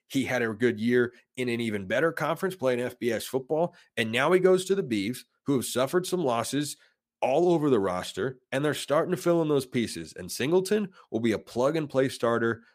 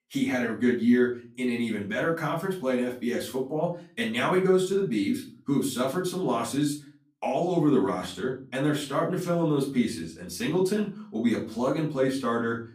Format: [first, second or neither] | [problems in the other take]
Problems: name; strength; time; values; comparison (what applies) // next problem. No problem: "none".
first | room echo; slight; dies away in 0.3 s // off-mic speech; far